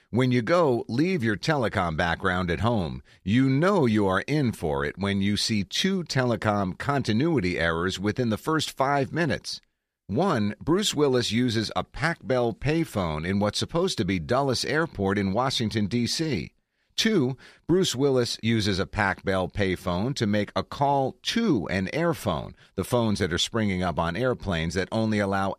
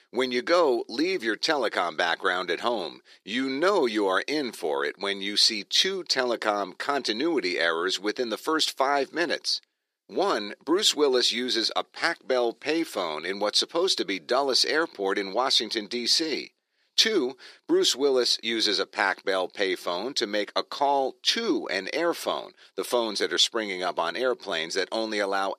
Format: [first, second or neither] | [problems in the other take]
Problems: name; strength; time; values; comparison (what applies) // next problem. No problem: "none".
first | thin; somewhat; fading below 350 Hz